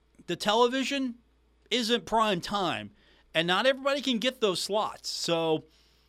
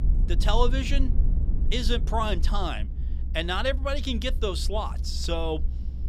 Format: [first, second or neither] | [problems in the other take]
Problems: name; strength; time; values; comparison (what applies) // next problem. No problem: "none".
first | low rumble; noticeable; throughout; 15 dB below the speech